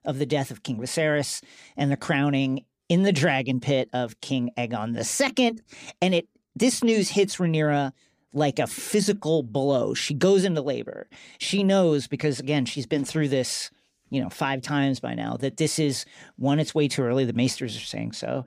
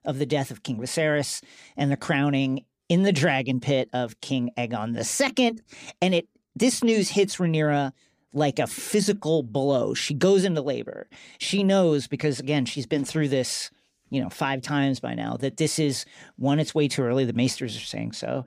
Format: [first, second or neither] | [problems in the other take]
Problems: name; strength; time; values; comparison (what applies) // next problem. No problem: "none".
neither | none